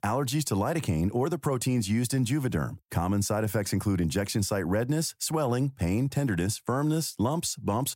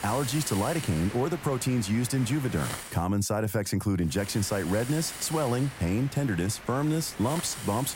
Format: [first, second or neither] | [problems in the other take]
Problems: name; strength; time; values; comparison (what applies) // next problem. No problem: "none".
first | hiss; noticeable; until 3 s and from 4 s on; 10 dB below the speech